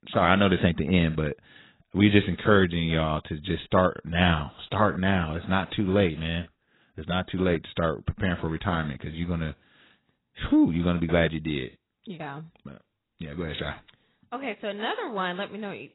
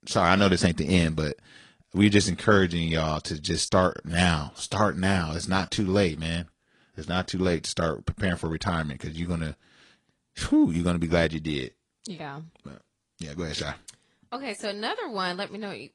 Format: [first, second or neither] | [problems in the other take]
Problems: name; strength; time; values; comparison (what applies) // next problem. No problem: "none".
second | garbled, watery; badly; nothing above 4 kHz; slightly in the second